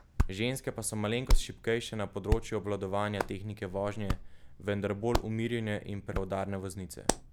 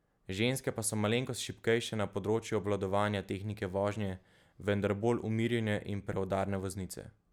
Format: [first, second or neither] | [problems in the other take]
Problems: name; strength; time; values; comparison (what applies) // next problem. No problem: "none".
second | background sound (Hands); as loud as the speech